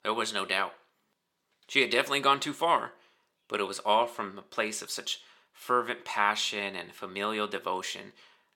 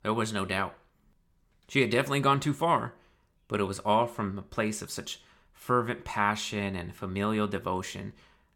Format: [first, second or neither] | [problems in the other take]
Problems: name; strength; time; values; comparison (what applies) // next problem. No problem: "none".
second | thin; somewhat; fading below 400 Hz